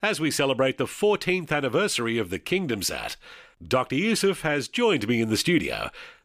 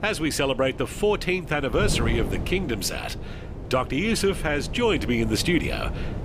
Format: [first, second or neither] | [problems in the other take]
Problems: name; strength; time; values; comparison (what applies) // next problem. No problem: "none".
first | wind noise on the microphone; occasional gusts; 15 dB below the speech